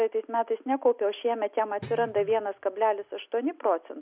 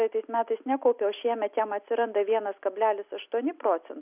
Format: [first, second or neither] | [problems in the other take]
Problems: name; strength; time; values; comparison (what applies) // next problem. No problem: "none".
second | background sound (Guitar); 19 dB below the speech